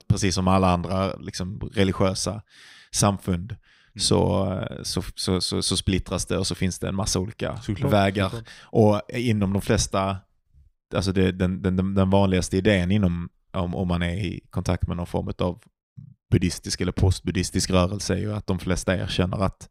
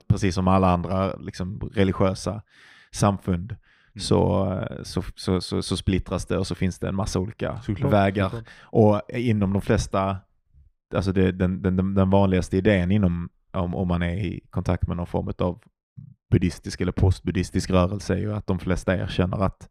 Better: first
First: none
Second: muffled; slightly; fading above 3 kHz

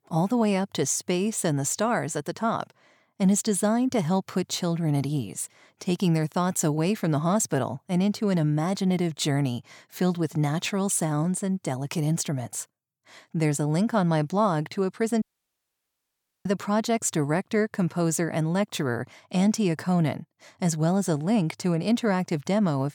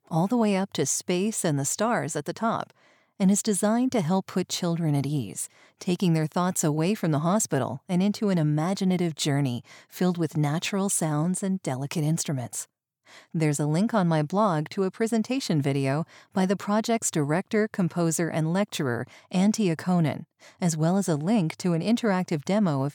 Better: second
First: audio cutting out; at 15 s for 1 s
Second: none

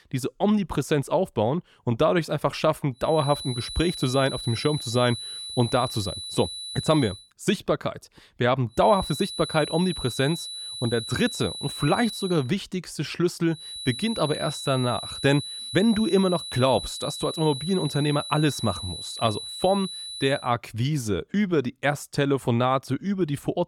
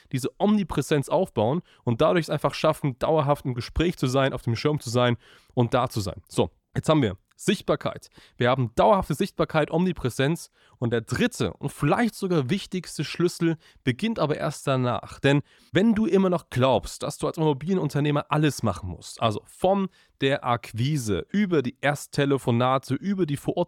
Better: second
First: high-pitched whine; loud; from 3 to 7 s, from 9 to 12 s and from 14 to 20 s; 4 kHz, 8 dB below the speech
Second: none

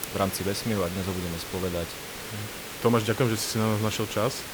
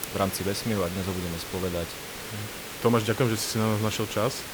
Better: neither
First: hiss; loud; throughout; 8 dB below the speech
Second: hiss; loud; throughout; 8 dB below the speech

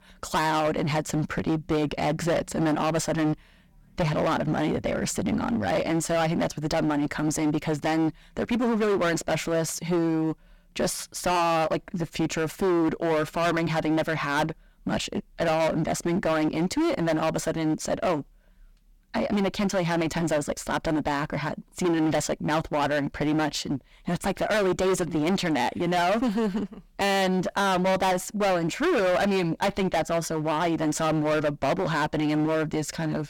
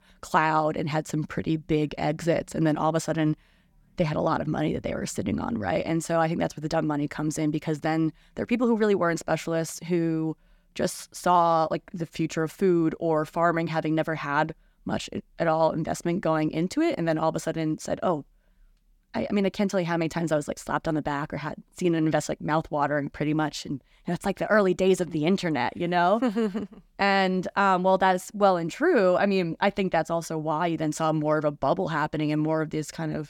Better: second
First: distortion; heavy; 20% of the sound clipped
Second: none

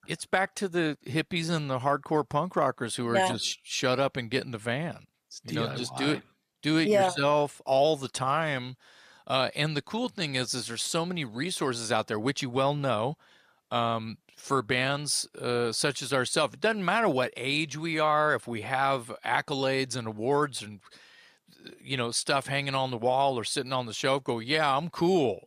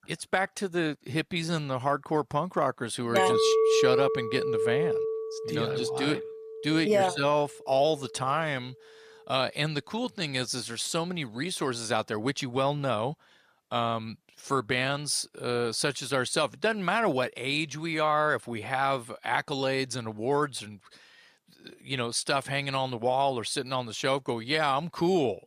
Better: first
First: none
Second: clattering dishes; loud; from 3 to 7 s; peak 6 dB above the speech

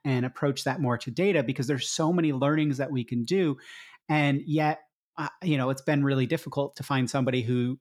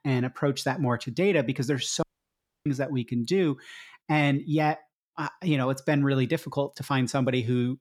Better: first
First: none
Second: audio cutting out; at 2 s for 0.5 s

